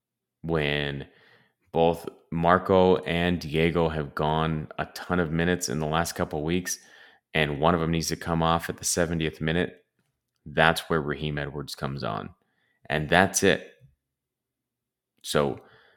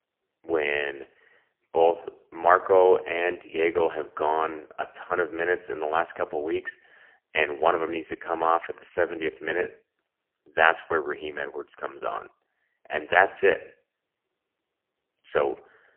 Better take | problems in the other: first | phone-call audio; poor line; nothing above 3 kHz

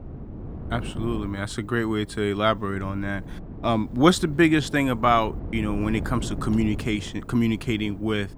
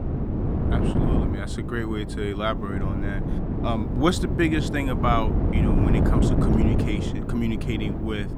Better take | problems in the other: first | wind noise on the microphone; heavy; 3 dB below the speech; occasional gusts in the first

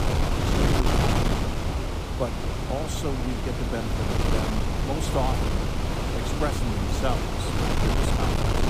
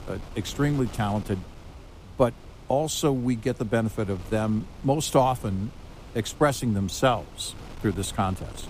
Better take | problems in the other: second | wind noise on the microphone; heavy; 4 dB above the speech; occasional gusts in the second

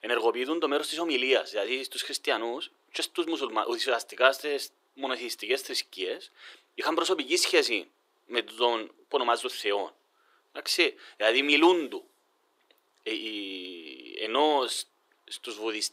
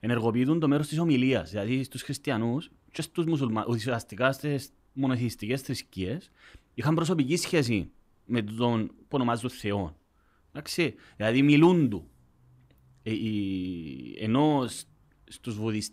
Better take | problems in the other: second | thin; very; fading below 350 Hz

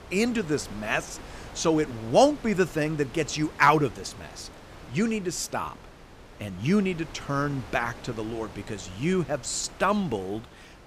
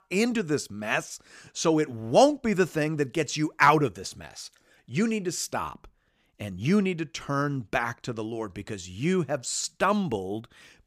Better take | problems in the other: second | wind noise on the microphone; occasional gusts; 20 dB below the speech

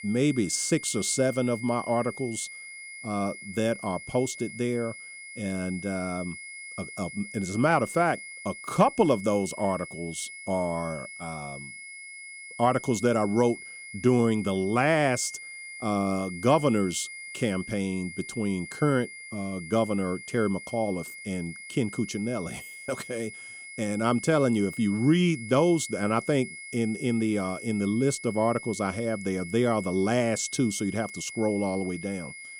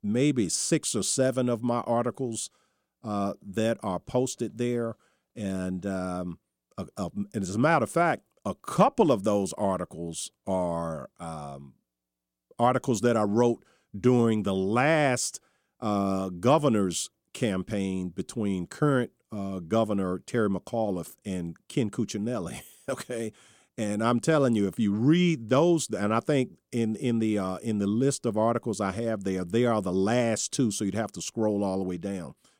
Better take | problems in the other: second | high-pitched whine; noticeable; throughout; 2 kHz, 10 dB below the speech

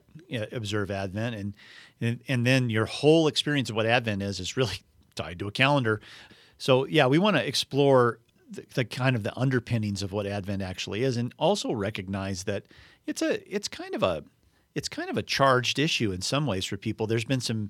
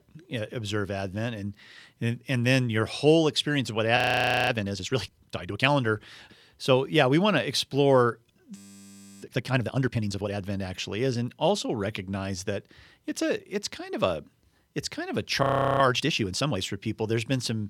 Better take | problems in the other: first | audio freezing; at 4 s for 0.5 s, at 8.5 s for 0.5 s and at 15 s

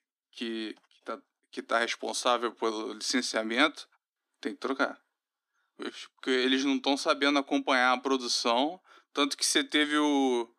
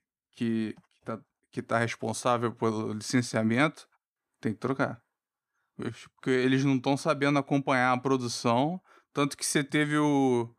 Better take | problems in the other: second | thin; very slightly; fading below 250 Hz

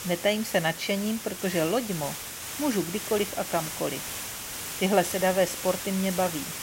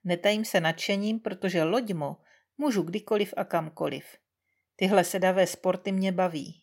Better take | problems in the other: second | hiss; loud; throughout; 6 dB below the speech

